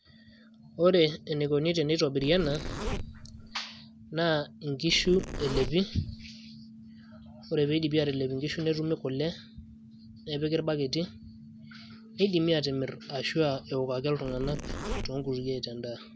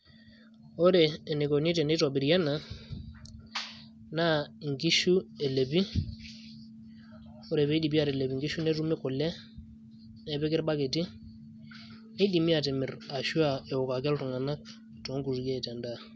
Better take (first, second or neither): second